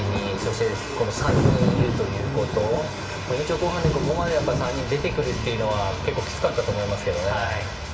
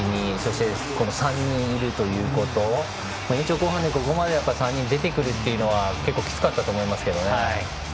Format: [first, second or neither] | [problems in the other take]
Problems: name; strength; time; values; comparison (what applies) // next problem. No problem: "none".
second | background sound (Thunder); 4 dB below the speech // room echo; dies away in 2.3 s